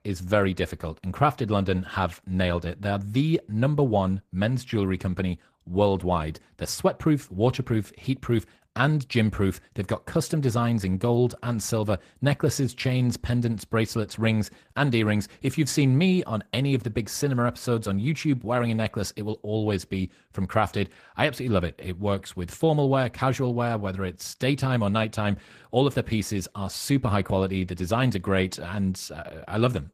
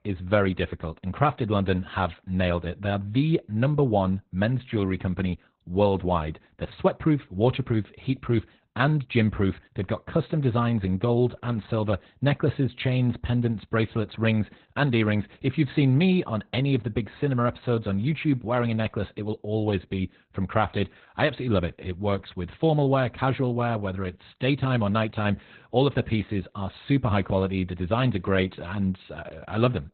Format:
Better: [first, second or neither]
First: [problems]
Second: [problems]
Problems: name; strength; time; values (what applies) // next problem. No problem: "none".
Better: first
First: garbled, watery; slightly; nothing above 14.5 kHz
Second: garbled, watery; badly; nothing above 4 kHz